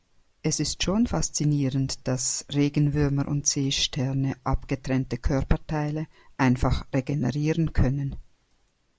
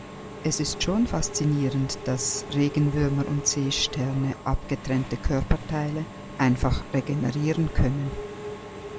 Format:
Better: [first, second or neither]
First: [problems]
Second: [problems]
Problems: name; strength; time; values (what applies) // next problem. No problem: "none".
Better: first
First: none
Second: background sound (Engine / Mechanisms); 12 dB below the speech